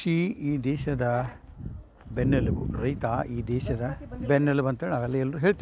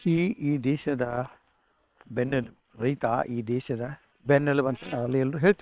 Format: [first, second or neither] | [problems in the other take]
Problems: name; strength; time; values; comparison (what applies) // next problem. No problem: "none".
first | noise reduction (neural separator model SepFormer WHAM!)